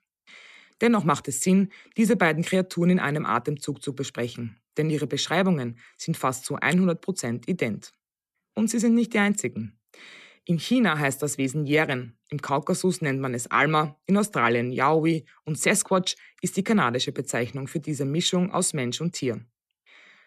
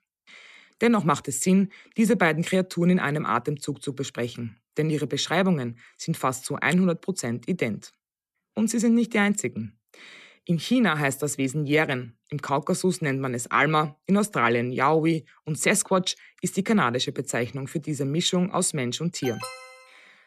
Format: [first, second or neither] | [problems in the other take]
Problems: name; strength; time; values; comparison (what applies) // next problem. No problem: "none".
first | alarm; faint; at 19 s; peak 10 dB below the speech